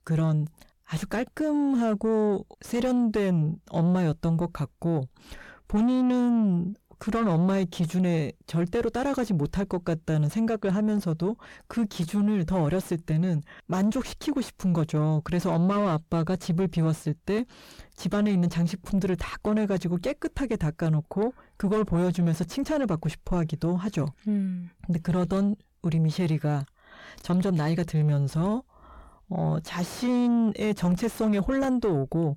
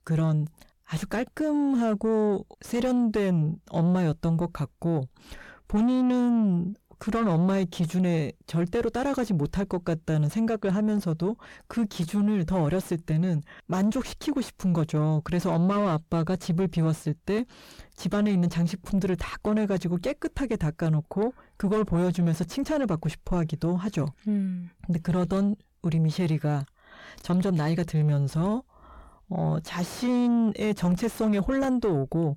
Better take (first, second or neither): neither